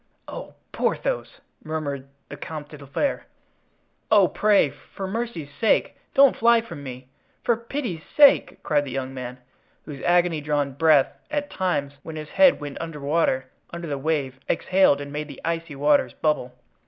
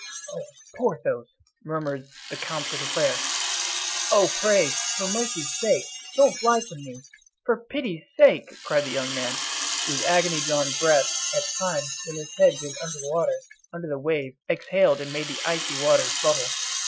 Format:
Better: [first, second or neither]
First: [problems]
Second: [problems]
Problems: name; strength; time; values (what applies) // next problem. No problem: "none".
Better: first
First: none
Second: noise reduction (classical method Wiener filter)